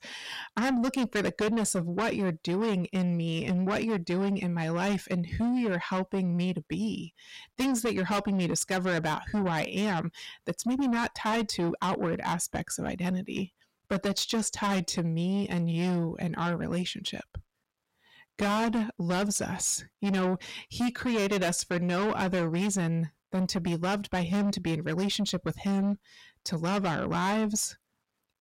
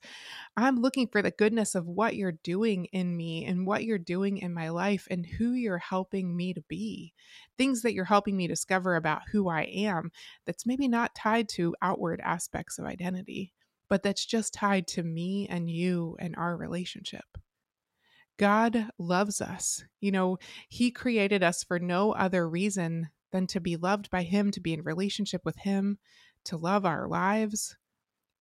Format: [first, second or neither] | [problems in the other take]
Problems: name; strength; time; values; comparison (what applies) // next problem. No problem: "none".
second | distortion; heavy; 6 dB below the speech